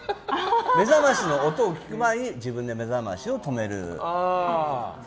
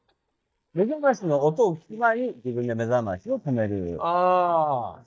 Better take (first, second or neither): first